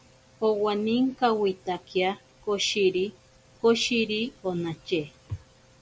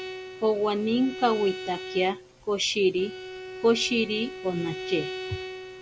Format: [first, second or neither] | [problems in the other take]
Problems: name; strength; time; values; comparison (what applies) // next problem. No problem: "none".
first | background sound (Bowed string instrument); 11 dB below the speech